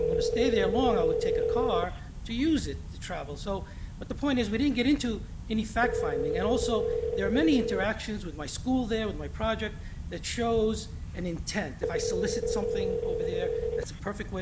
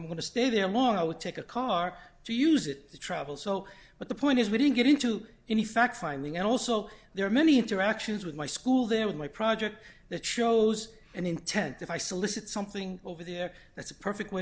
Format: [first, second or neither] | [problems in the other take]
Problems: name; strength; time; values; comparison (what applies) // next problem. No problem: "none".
second | background sound (Telephone); 1 dB below the speech